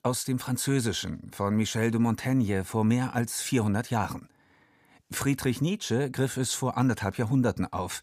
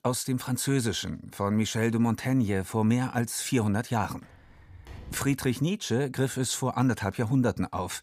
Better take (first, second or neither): first